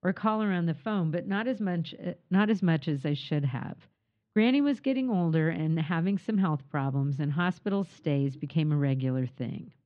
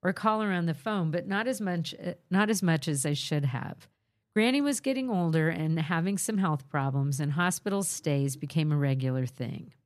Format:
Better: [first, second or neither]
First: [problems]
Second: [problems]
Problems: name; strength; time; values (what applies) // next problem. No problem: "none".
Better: second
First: muffled; slightly; fading above 3.5 kHz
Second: none